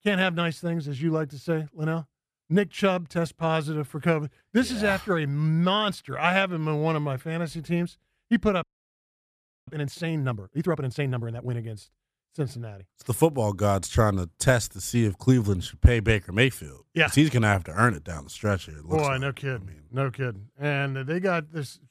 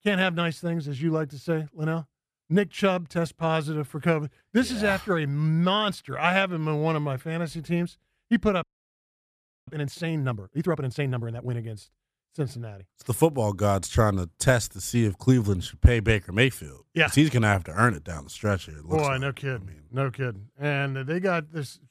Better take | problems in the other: neither | audio freezing; at 8.5 s for 1 s; the same in both

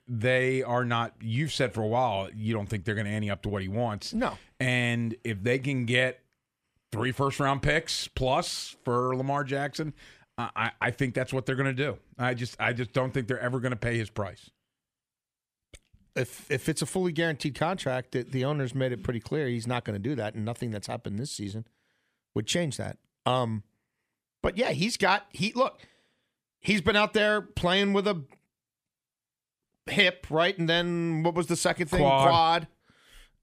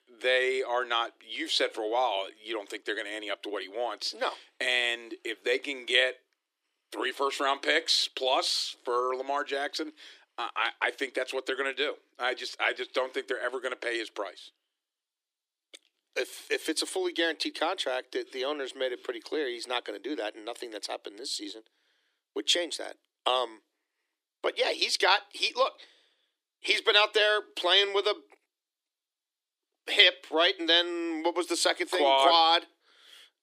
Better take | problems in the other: first | thin; very; fading below 300 Hz

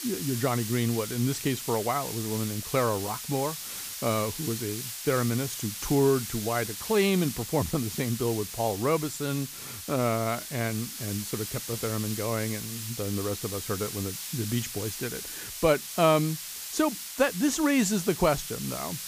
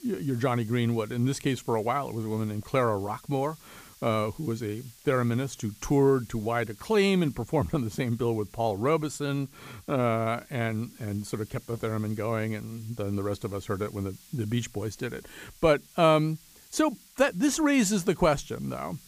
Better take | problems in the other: second | hiss; loud; throughout; 6 dB below the speech; faint in the second

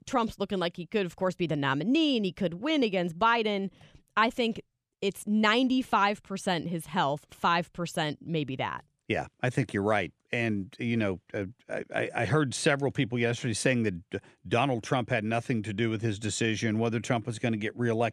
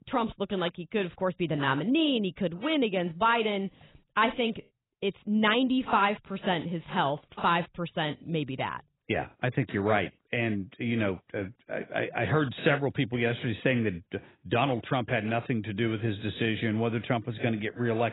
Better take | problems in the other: first | garbled, watery; badly; nothing above 4 kHz

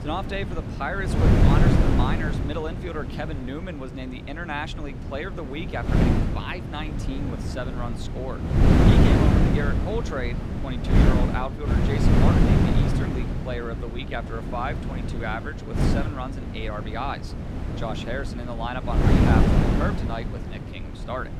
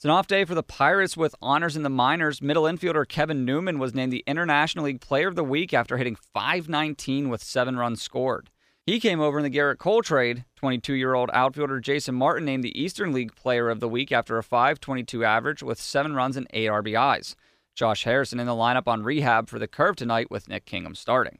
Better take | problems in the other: second | wind noise on the microphone; heavy; 2 dB above the speech

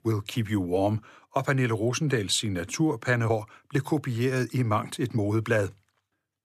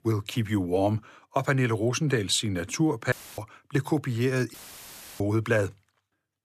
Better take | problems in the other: first | audio cutting out; filled with static; at 3 s and at 4.5 s for 0.5 s

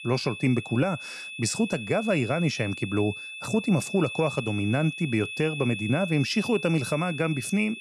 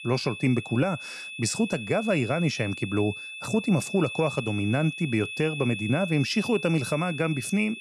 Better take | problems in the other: neither | high-pitched whine; loud; throughout; 2.5 kHz, 8 dB below the speech; the same in both

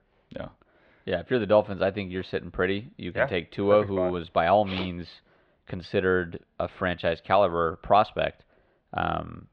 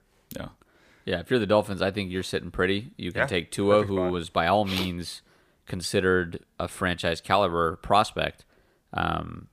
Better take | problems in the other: second | muffled; slightly; fading above 3.5 kHz

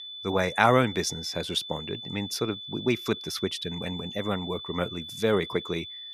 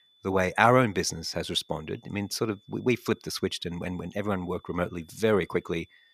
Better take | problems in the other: second | high-pitched whine; loud; throughout; 3.5 kHz, 9 dB below the speech; faint in the second

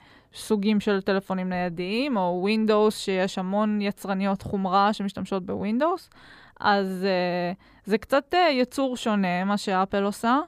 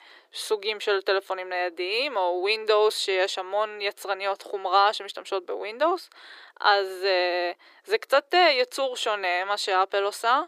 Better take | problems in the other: first | thin; very; fading below 350 Hz

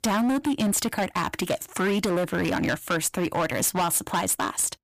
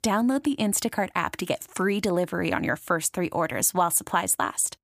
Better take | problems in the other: second | distortion; heavy; 19% of the sound clipped

